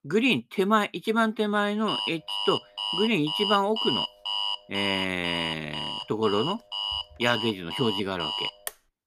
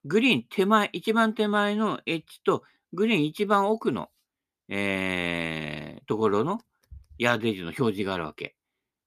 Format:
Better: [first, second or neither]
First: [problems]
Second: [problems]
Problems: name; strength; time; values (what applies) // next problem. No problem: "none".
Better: second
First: alarm; loud; from 2 s on; peak 1 dB above the speech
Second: none